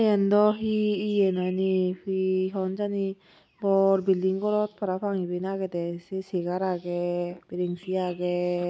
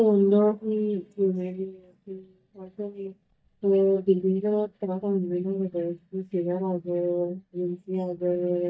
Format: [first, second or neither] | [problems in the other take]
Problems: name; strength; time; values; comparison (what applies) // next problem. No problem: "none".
first | noise reduction (neural mask model DeepFilterNet 3)